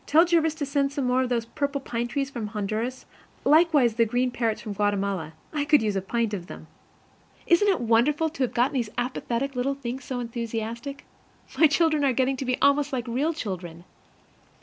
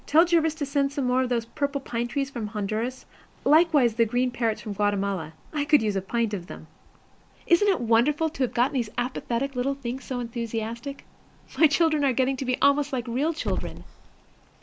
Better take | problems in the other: first | background sound (Growling / Hiss); 16 dB below the speech

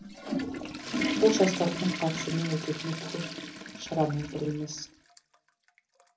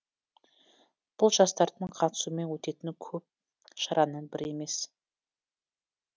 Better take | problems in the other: second | background sound (Toilet flush / Water); 4 dB below the speech // room echo; dies away in 0.5 s

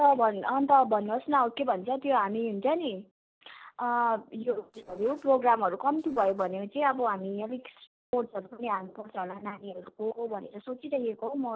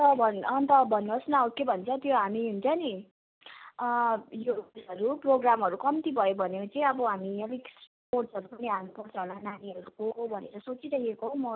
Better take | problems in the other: second | noise reduction (neural separator model SepFormer DNS4)

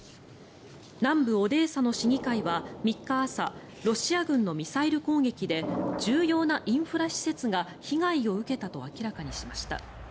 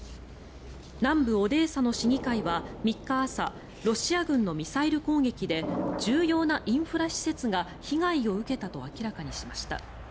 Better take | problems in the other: first | background sound (Traffic noise, roadway noise); 19 dB below the speech

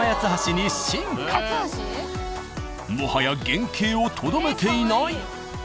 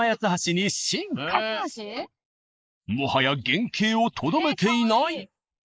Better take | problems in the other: first | noise reduction (neural mask model Resemble Enhance denoiser)

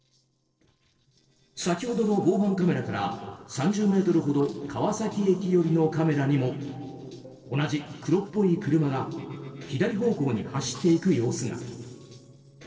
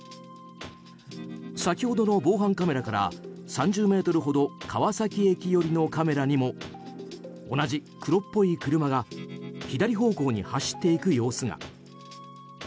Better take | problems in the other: second | noise reduction (neural separator model SepFormer DNS4)

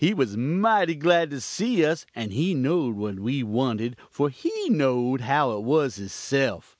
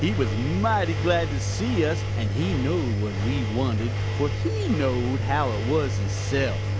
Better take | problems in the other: first | background sound (Engine); 1 dB above the speech

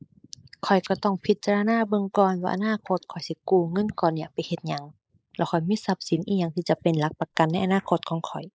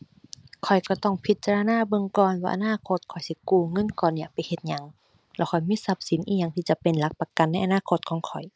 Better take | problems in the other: second | noise reduction (neural mask model Resemble Enhance denoiser)

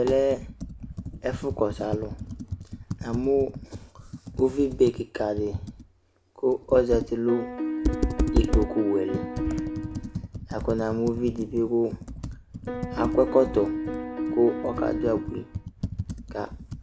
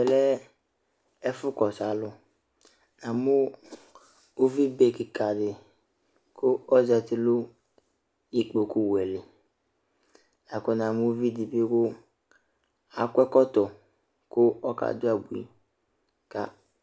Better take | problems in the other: second | background sound (Piano + Computer keyboard); 4 dB below the speech

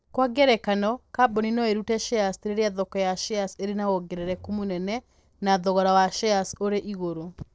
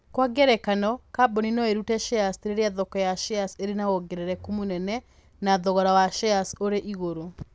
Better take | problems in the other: second | noise reduction (neural separator model SepFormer DNS4)

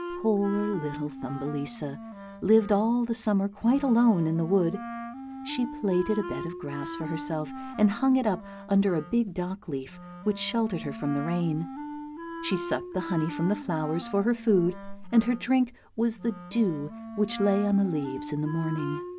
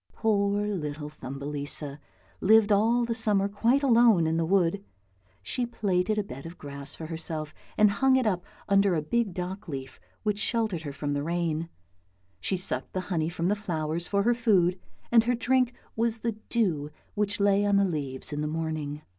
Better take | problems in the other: second | background sound (Wind instrument, woodwind instrument); 11 dB below the speech

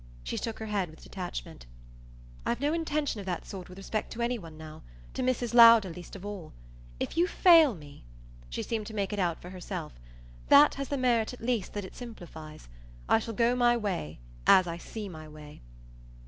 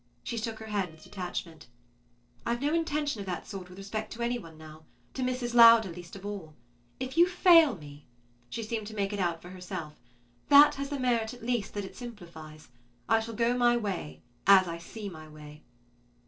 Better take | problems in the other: first | noise reduction (neural separator model SepFormer DNS4)

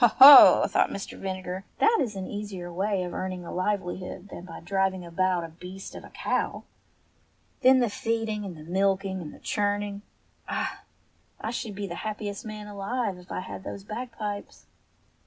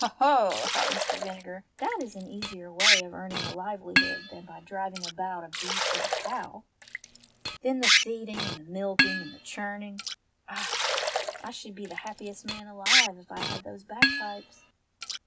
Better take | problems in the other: first | background sound (Liquid); 4 dB above the speech

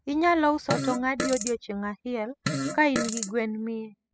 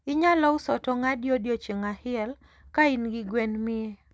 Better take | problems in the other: second | noise reduction (classical method spectral subtraction)

